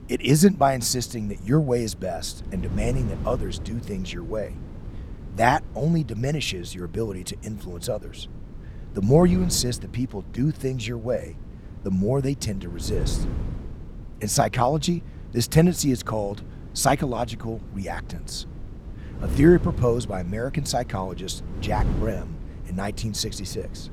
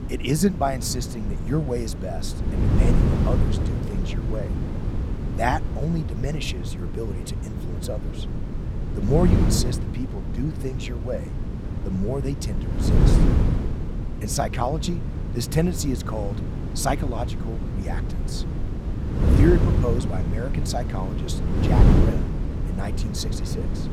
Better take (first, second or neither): first